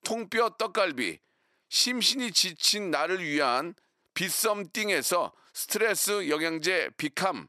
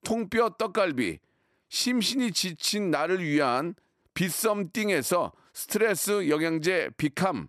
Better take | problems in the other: second | thin; very slightly; fading below 550 Hz

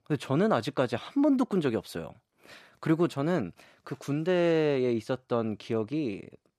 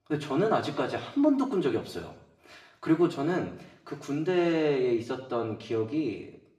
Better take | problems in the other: first | room echo; slight; dies away in 0.7 s // off-mic speech; far

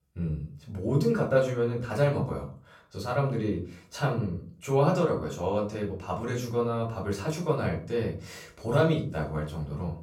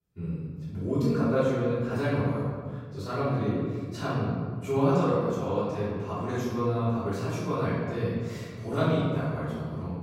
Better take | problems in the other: first | room echo; strong; dies away in 1.8 s; slight in the first // off-mic speech; far; far in the first

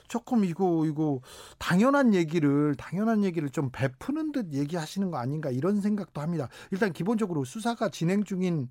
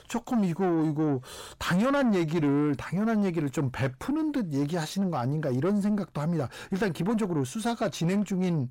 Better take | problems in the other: first | distortion; slight; 9 dB below the speech

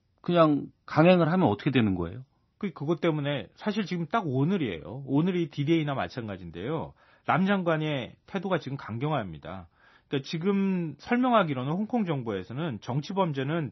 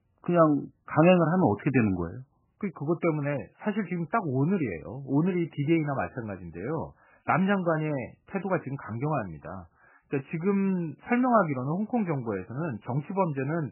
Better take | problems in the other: first | garbled, watery; badly; nothing above 3 kHz; slightly in the first

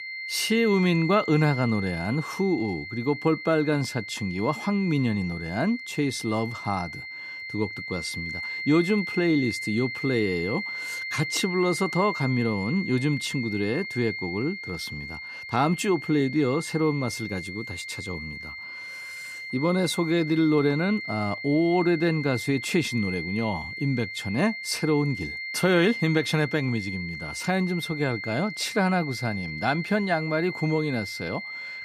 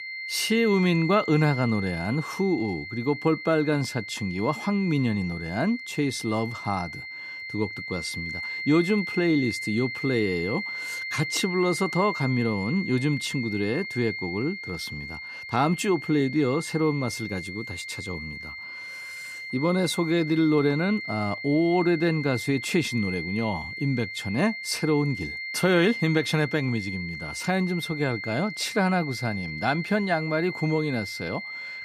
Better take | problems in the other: neither | high-pitched whine; loud; throughout; 2 kHz, 7 dB below the speech; the same in both

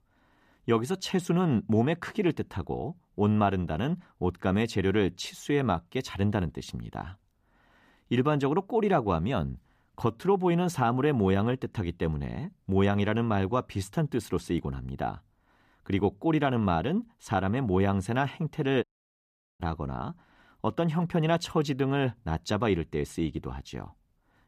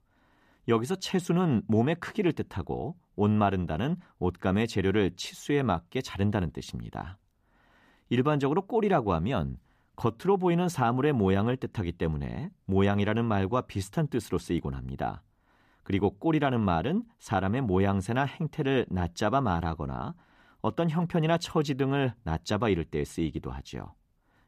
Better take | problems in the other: second | audio cutting out; at 19 s for 1 s

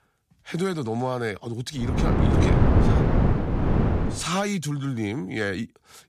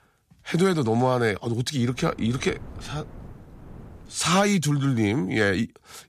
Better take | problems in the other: second | wind noise on the microphone; heavy; from 2 to 4 s; 2 dB above the speech; occasional gusts in the second

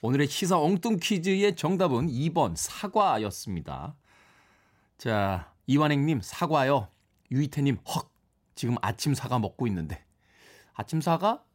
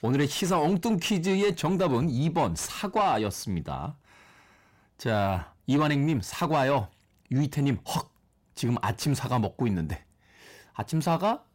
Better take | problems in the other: first | distortion; slight; 10 dB below the speech

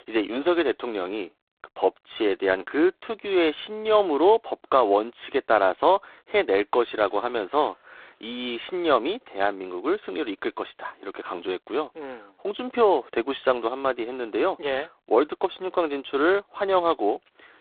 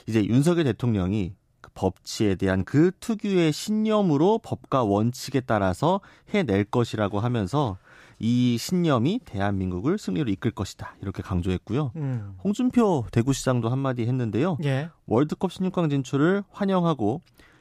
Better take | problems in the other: second | phone-call audio; poor line; nothing above 3.5 kHz

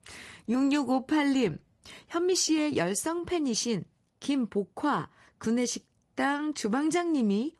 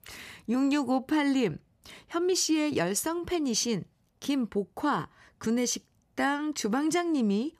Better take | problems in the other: second | garbled, watery; slightly; nothing above 11.5 kHz

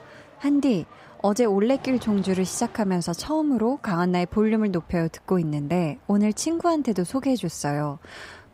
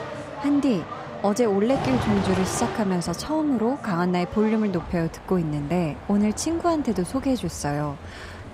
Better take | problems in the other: first | traffic noise; loud; throughout; 10 dB below the speech; faint in the first

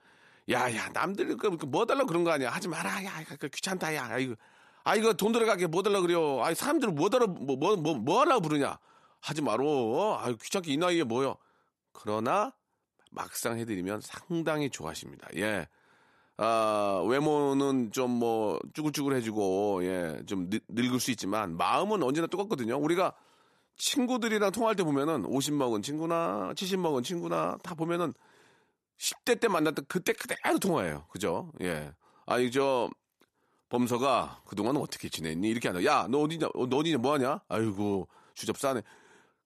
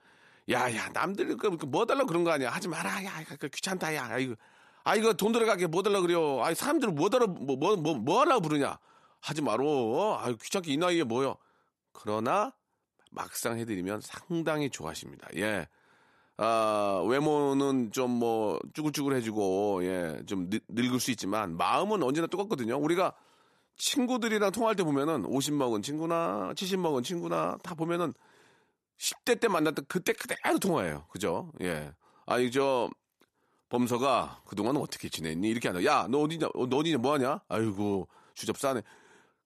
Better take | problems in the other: neither | none

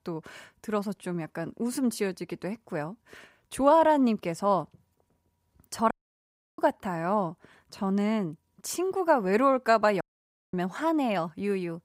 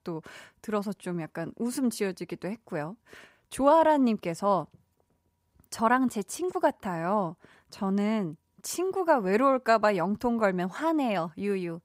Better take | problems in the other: second | audio cutting out; at 6 s for 0.5 s and at 10 s for 0.5 s

